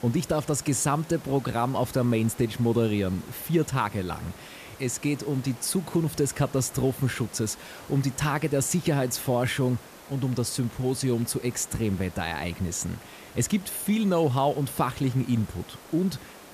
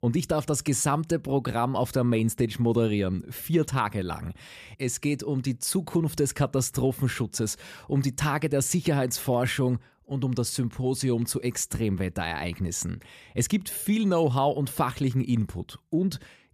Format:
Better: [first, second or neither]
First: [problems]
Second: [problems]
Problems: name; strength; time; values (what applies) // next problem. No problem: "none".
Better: second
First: hiss; noticeable; throughout; 20 dB below the speech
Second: none